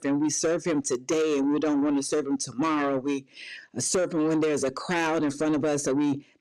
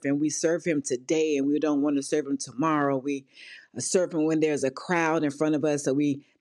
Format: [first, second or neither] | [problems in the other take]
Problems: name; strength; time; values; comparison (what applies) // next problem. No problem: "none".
second | distortion; slight; 10 dB below the speech